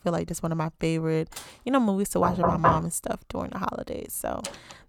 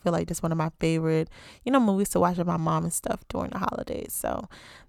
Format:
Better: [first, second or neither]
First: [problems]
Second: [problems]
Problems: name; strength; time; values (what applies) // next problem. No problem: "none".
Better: second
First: clattering dishes; faint; at 1.5 s; peak 15 dB below the speech // door banging; loud; at 2 s; peak 5 dB above the speech // door banging; faint; at 4.5 s; peak 10 dB below the speech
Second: none